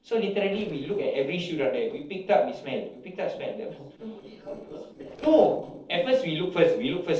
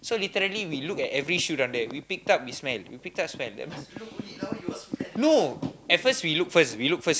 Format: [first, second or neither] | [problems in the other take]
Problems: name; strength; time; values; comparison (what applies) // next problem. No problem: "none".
second | noise reduction (neural separator model SepFormer DNS4)